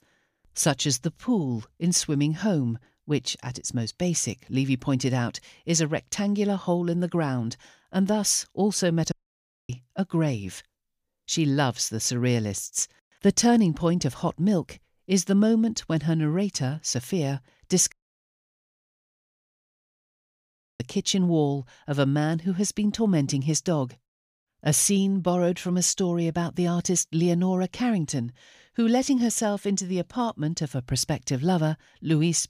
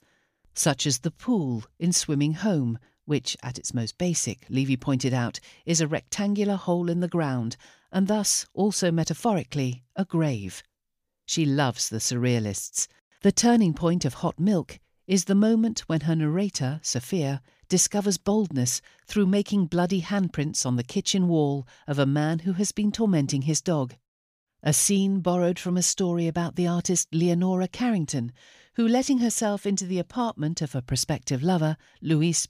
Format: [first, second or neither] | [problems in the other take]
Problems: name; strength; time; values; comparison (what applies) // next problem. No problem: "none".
second | audio cutting out; at 9 s for 0.5 s and at 18 s for 3 s